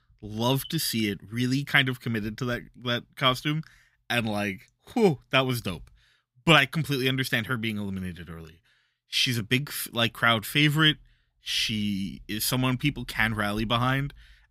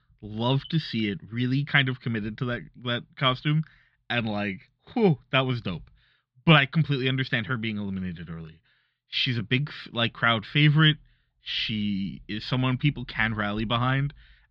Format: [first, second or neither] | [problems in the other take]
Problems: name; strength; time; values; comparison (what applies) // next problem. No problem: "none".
first | muffled; very slightly; fading above 4 kHz